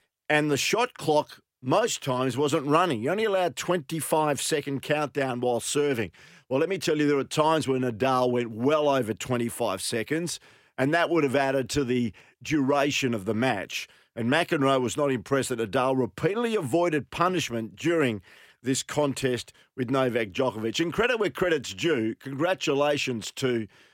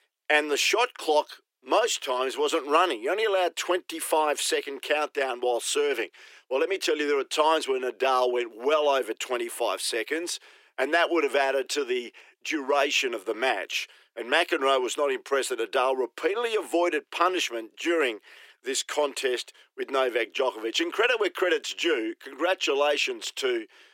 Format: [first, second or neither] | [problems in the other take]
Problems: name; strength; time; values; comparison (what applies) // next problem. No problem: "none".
first | thin; very; fading below 350 Hz